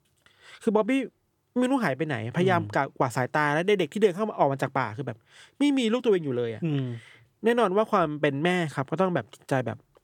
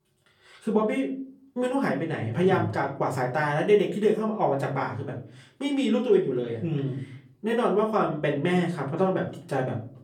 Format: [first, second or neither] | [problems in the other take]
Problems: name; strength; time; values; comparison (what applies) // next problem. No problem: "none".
first | off-mic speech; far // room echo; slight; dies away in 0.4 s